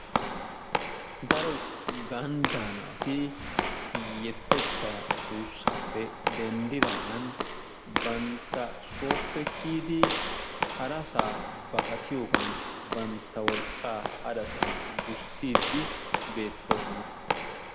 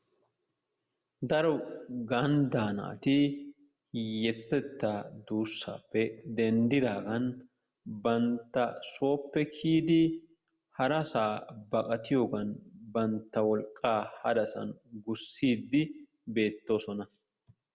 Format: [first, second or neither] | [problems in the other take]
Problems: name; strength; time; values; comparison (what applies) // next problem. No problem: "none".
second | background sound (Walk, footsteps / Slam); 3 dB above the speech